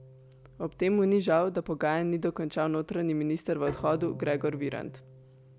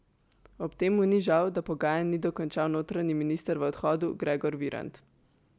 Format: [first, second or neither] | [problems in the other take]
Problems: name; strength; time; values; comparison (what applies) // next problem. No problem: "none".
second | background sound (Bowed string instrument); 18 dB below the speech